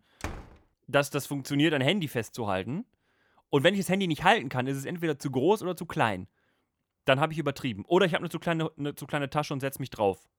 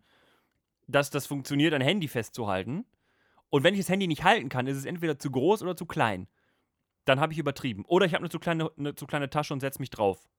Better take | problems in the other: second | door banging; faint; at the start; peak 10 dB below the speech

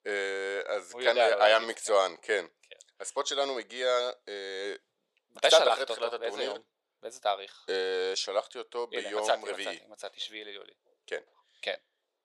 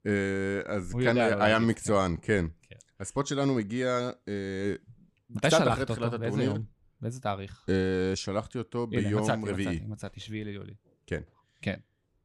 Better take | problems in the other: second | thin; very; fading below 500 Hz

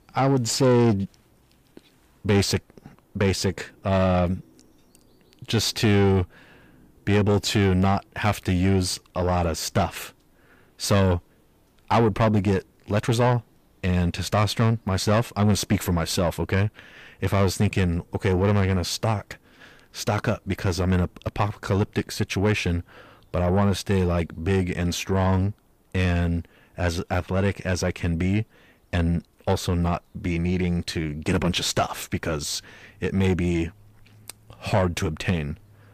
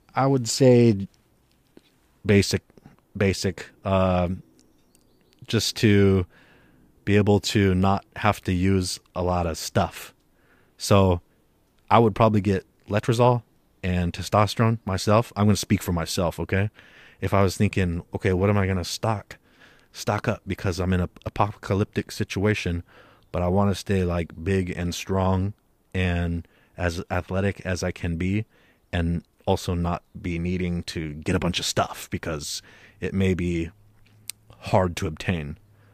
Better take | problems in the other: second | distortion; slight; 10 dB below the speech

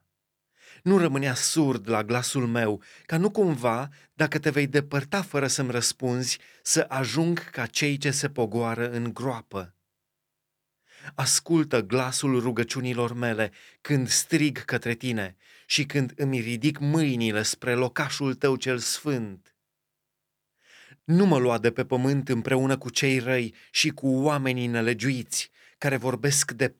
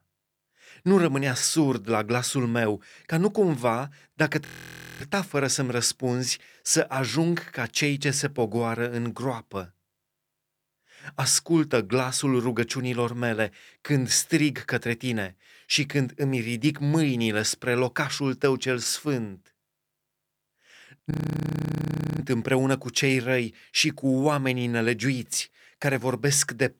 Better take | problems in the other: first | audio freezing; at 4.5 s for 0.5 s and at 21 s for 1 s

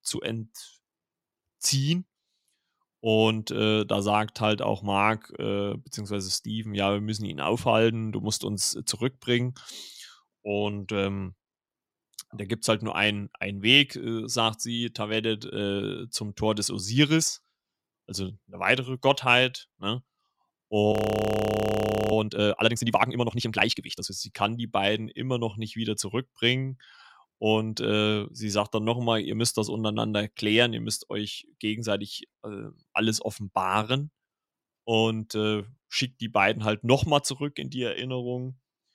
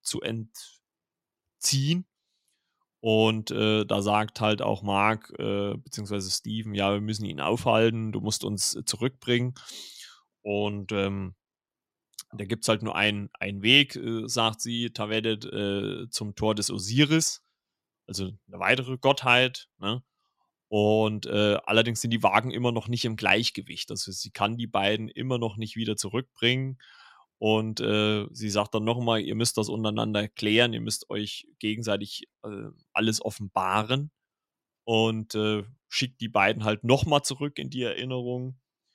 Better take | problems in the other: second | audio freezing; at 21 s for 1 s

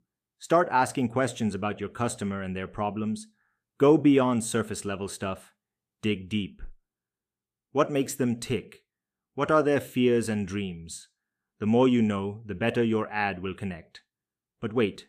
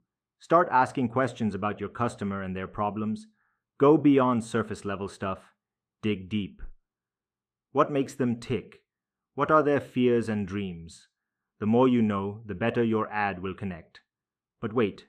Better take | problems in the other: first | muffled; slightly; fading above 2.5 kHz

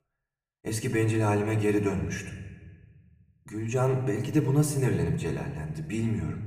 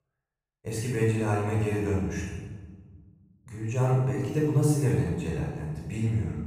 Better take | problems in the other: first | room echo; strong; dies away in 1.1 s; slight in the first // off-mic speech; far; far in the first

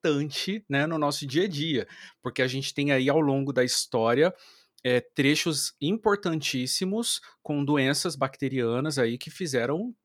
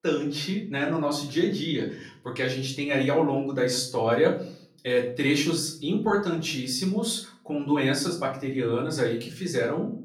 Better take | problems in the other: first | off-mic speech; far // room echo; slight; dies away in 0.4 s

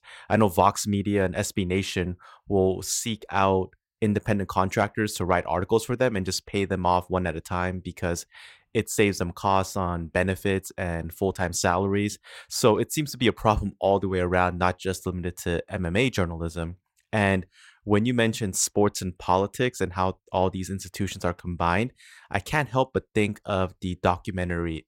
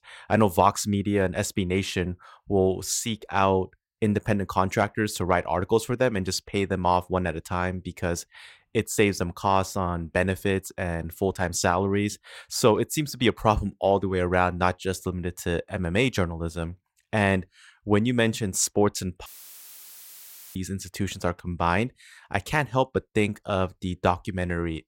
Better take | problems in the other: first | audio cutting out; filled with static; at 19 s for 1.5 s

